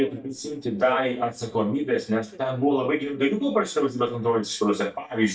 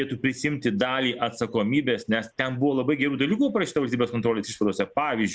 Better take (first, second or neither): second